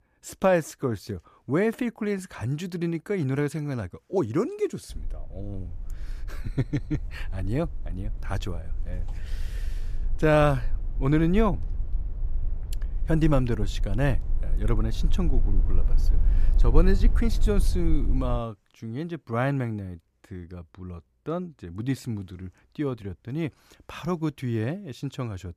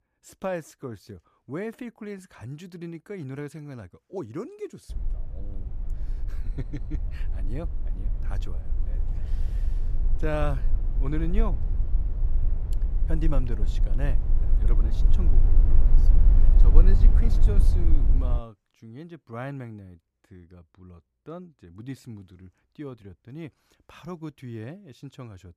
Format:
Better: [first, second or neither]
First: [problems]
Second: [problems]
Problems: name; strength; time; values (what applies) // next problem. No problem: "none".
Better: first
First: low rumble; faint; from 5 to 18 s; 20 dB below the speech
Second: low rumble; loud; from 5 to 18 s; 7 dB below the speech